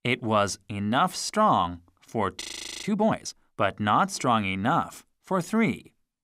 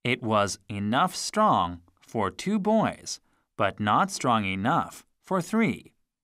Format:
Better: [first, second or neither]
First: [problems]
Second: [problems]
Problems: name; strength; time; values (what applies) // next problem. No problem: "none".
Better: second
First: audio freezing; at 2.5 s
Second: none